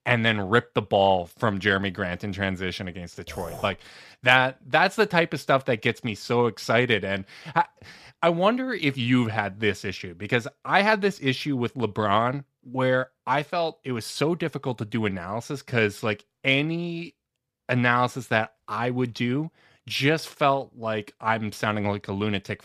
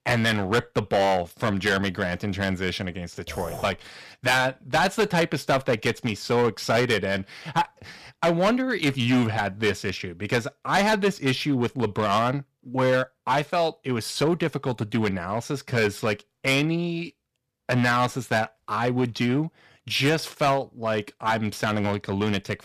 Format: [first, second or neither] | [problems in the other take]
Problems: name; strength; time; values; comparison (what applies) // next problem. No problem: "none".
first | distortion; heavy; 6% of the sound clipped